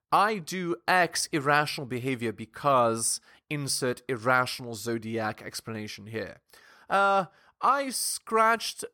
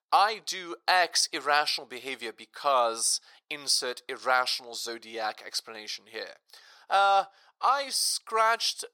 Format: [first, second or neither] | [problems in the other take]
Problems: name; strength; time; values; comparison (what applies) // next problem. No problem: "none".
first | thin; very; fading below 550 Hz